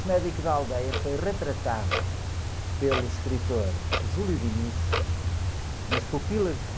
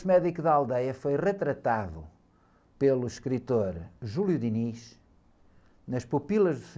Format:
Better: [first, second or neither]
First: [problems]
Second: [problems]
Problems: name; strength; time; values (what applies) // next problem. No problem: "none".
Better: second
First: background sound (Clock); 2 dB above the speech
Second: none